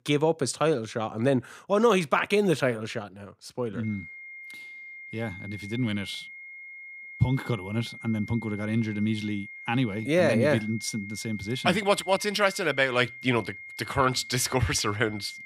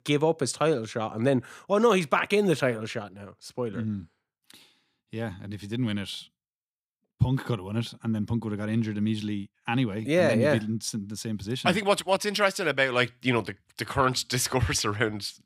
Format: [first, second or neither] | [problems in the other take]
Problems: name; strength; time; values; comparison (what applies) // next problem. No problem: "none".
second | high-pitched whine; noticeable; from 4 s on; 2 kHz, 15 dB below the speech